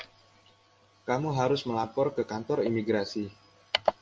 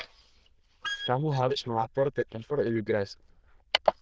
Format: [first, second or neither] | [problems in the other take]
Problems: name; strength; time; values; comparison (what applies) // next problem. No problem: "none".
first | noise reduction (neural diffusion model UNIVERSE++)